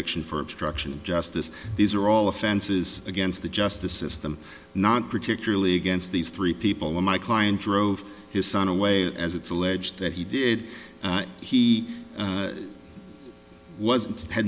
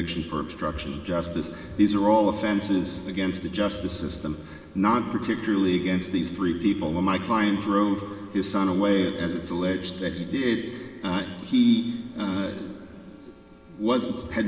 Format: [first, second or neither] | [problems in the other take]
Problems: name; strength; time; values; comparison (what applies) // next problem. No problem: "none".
first | room echo; dies away in 2.7 s